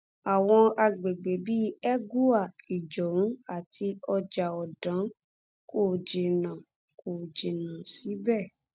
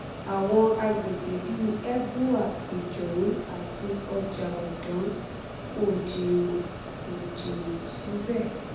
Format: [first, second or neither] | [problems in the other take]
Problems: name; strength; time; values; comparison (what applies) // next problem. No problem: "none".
first | background sound (Mechanisms); 8 dB below the speech // room echo; dies away in 0.8 s